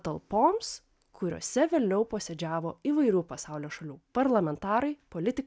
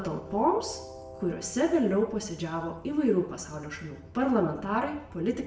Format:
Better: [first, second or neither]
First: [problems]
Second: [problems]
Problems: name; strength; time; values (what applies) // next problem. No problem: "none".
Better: first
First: none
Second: background sound (Train); 18 dB below the speech // room echo; dies away in 0.7 s